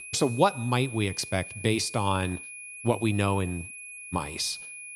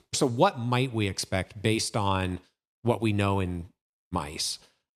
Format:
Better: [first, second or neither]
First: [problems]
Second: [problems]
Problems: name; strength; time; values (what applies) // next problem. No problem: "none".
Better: second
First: high-pitched whine; noticeable; throughout; 2.5 kHz, 10 dB below the speech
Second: none